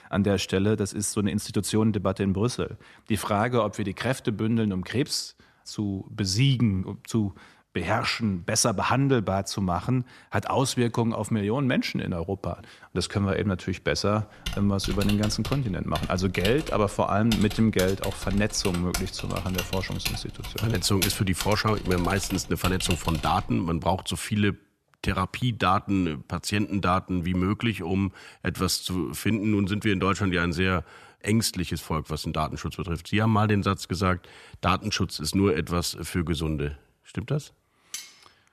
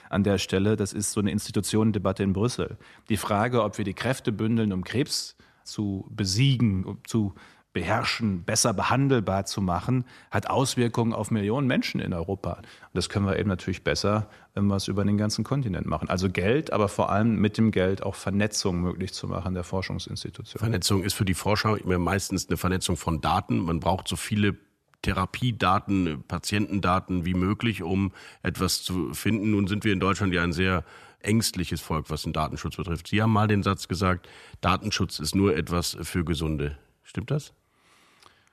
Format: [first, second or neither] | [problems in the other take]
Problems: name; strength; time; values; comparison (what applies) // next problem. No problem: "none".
second | keyboard typing; noticeable; from 14 to 24 s; peak 3 dB below the speech // clattering dishes; faint; at 38 s; peak 10 dB below the speech